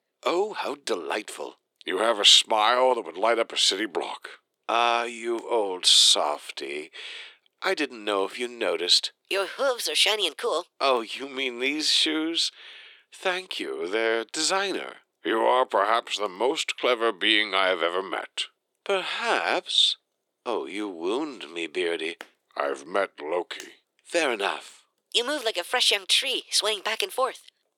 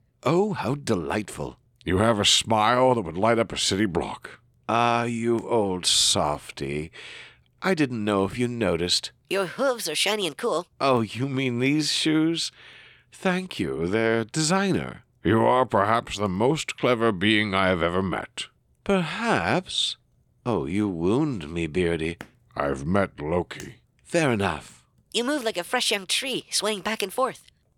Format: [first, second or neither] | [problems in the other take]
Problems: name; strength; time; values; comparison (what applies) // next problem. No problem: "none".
second | thin; somewhat; fading below 350 Hz